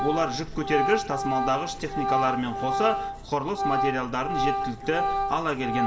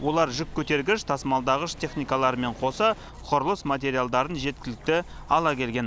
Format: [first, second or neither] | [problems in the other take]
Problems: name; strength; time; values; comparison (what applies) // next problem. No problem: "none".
second | background sound (Organ); 1 dB below the speech // room echo; dies away in 1.6 s